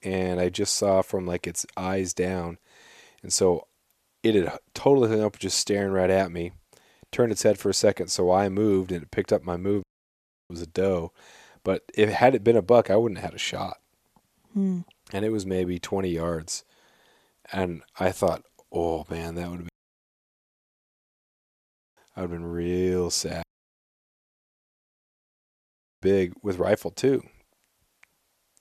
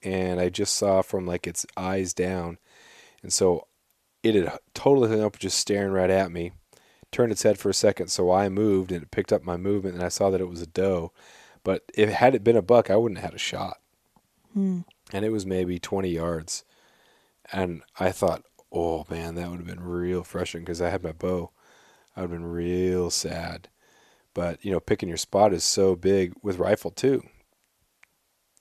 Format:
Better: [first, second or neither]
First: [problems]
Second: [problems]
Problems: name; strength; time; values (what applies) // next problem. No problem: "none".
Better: second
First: audio cutting out; at 10 s for 0.5 s, at 20 s for 2.5 s and at 23 s for 2.5 s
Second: none